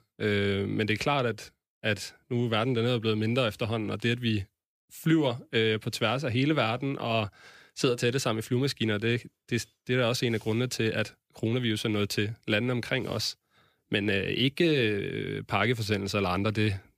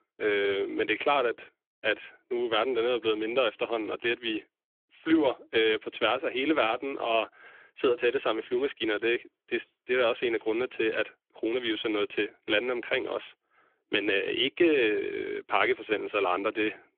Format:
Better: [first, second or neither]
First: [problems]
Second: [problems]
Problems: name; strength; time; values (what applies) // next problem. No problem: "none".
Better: first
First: none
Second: phone-call audio; nothing above 3.5 kHz